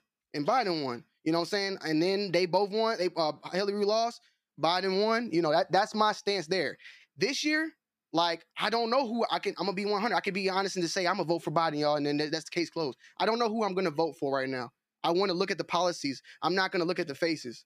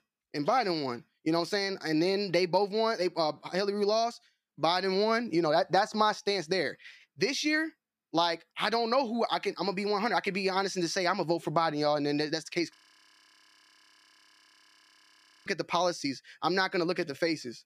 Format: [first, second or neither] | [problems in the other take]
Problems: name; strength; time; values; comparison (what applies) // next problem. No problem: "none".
first | audio freezing; at 13 s for 2.5 s